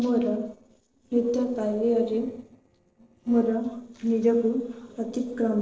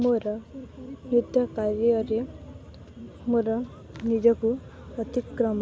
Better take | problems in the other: second | noise reduction (neural separator model SepFormer DNS4)

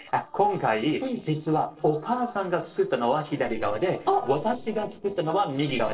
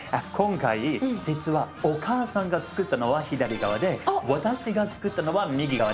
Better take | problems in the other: second | noise reduction (neural separator model SepFormer DNS4)

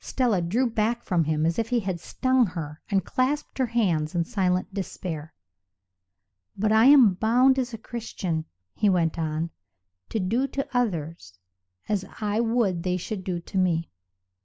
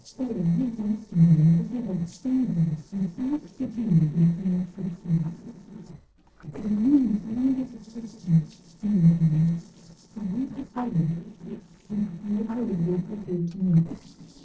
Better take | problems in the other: first | noise reduction (neural separator model SepFormer DNS4)

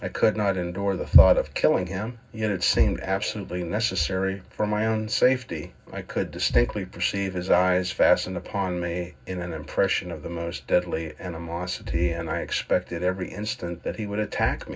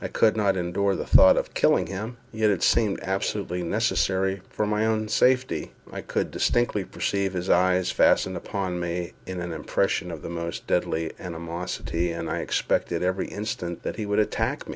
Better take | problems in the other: second | room echo; dies away in 0.4 s

